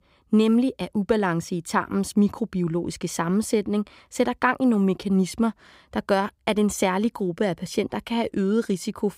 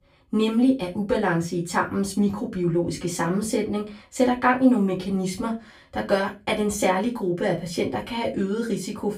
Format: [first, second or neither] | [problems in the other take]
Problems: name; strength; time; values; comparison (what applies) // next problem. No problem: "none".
first | off-mic speech; far // room echo; very slight; dies away in 0.2 s